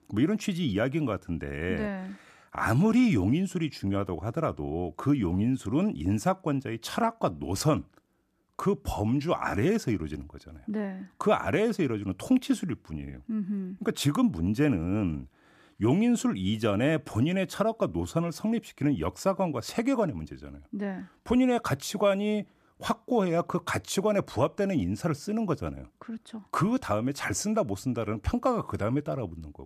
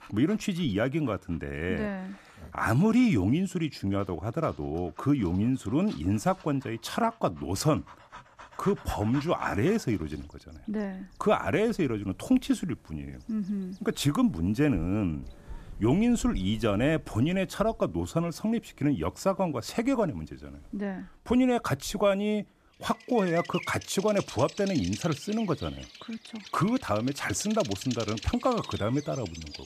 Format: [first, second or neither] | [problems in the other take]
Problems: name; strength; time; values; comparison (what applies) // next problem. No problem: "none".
first | animal sounds; noticeable; throughout; 15 dB below the speech